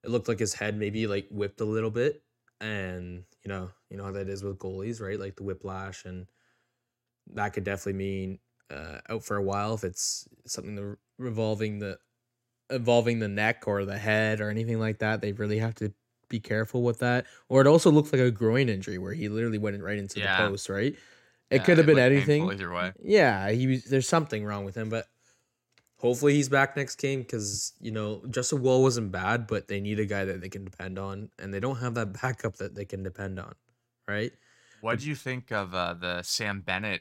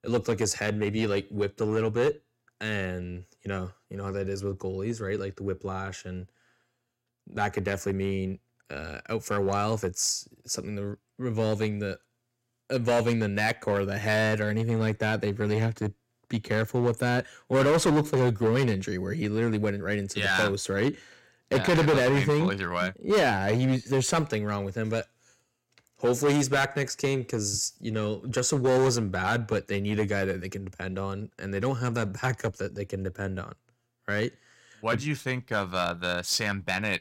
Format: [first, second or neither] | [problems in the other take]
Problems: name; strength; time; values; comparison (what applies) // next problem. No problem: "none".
first | distortion; heavy; 5% of the sound clipped